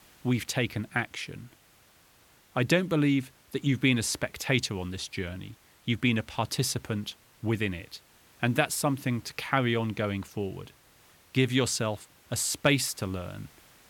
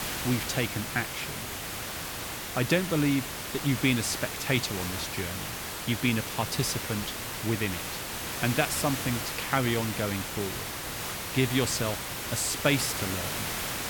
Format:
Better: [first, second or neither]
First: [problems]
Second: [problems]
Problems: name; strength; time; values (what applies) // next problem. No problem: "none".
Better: first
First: hiss; faint; throughout; 30 dB below the speech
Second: hiss; loud; throughout; 3 dB below the speech